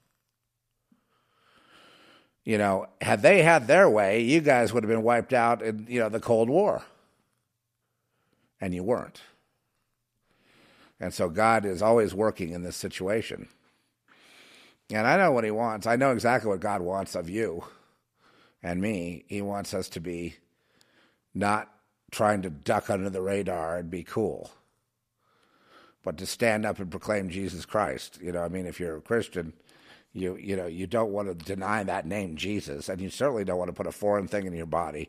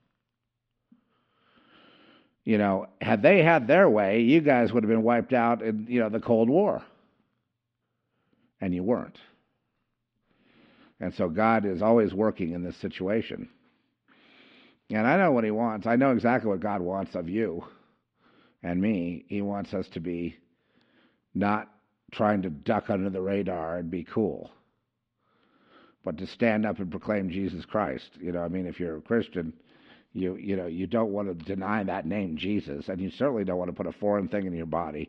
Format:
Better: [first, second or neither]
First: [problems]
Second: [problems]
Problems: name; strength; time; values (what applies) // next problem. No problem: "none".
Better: first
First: none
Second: muffled; slightly; fading above 3.5 kHz